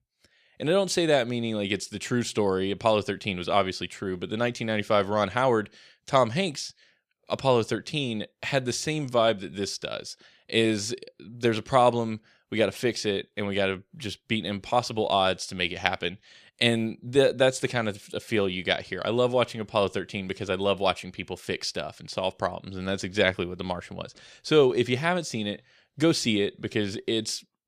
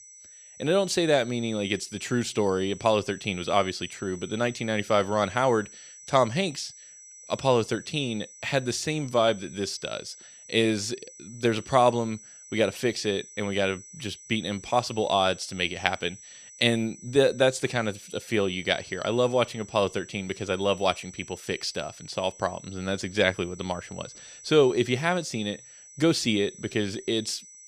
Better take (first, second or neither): first